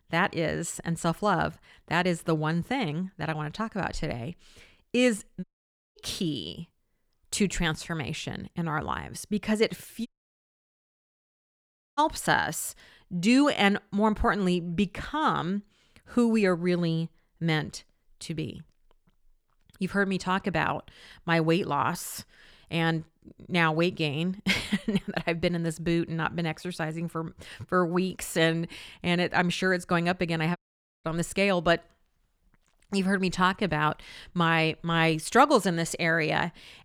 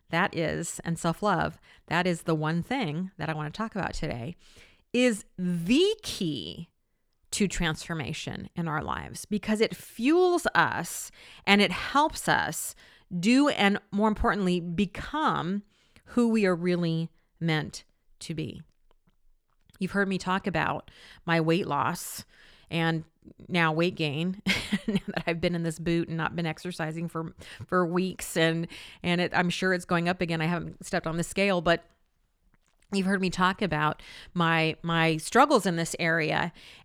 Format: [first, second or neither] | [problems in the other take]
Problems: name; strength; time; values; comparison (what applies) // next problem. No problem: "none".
second | audio cutting out; at 5.5 s for 0.5 s, at 10 s for 2 s and at 31 s